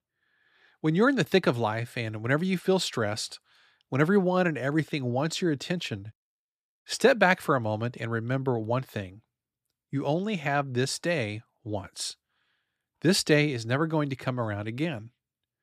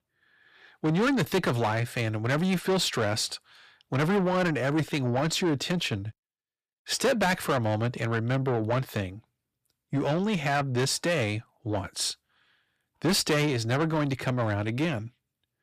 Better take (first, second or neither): first